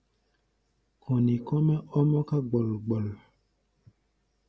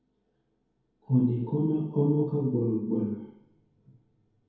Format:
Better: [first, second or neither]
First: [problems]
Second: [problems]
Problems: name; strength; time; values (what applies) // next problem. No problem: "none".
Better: first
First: none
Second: room echo; dies away in 2.1 s